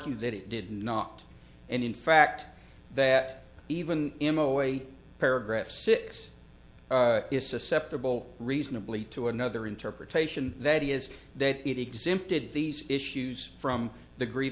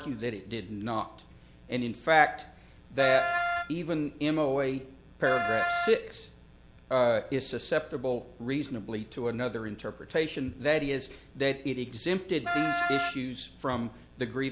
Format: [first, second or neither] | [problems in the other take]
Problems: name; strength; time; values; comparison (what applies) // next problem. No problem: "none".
first | background sound (Wind instrument, woodwind instrument); 1 dB below the speech